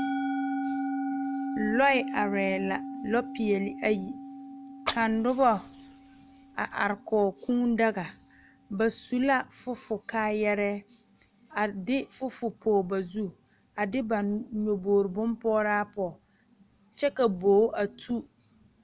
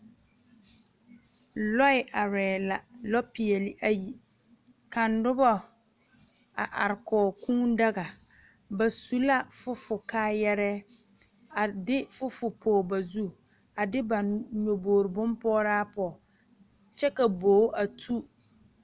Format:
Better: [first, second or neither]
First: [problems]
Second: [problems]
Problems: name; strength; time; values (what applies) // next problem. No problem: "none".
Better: second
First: background sound (Fire + Musical instrument); 10 dB below the speech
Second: none